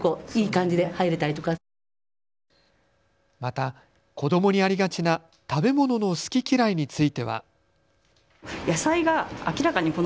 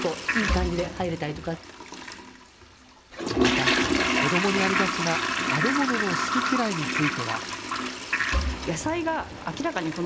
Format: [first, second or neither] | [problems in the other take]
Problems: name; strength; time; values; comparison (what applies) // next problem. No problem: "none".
first | background sound (Toilet flush); 3 dB above the speech